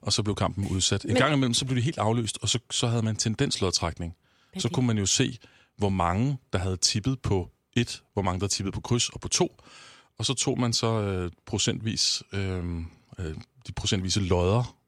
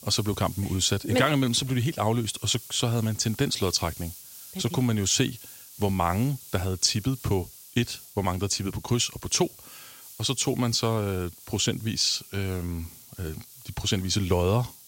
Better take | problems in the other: first | hiss; noticeable; throughout; 15 dB below the speech

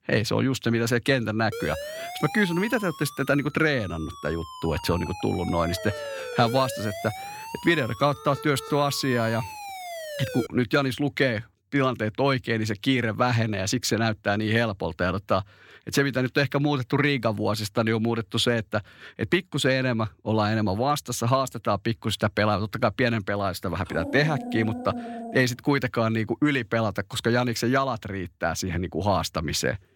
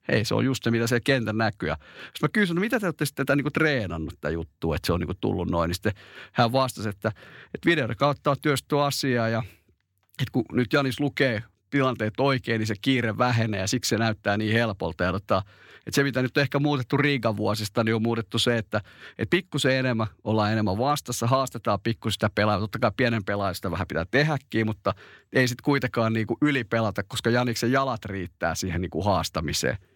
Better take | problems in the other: second | siren; noticeable; from 1.5 to 10 s; peak 8 dB below the speech // dog barking; noticeable; from 24 to 25 s; peak 8 dB below the speech

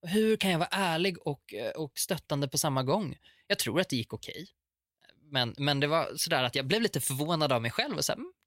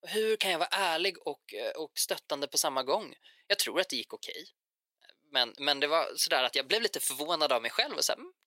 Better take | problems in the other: first | thin; somewhat; fading below 400 Hz

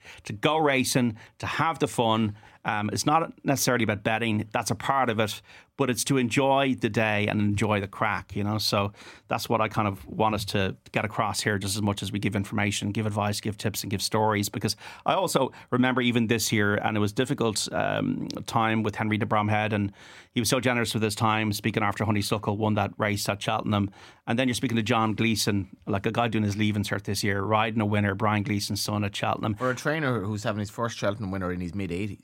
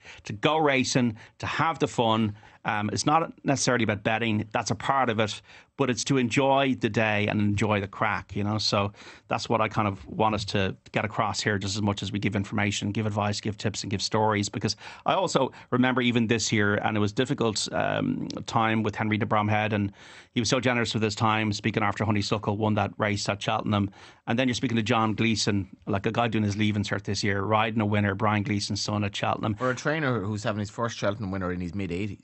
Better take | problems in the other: first | garbled, watery; slightly; nothing above 8 kHz

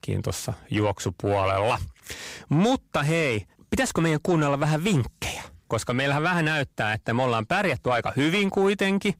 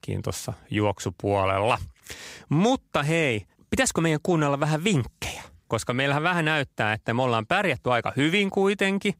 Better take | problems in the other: second | distortion; slight; 10 dB below the speech

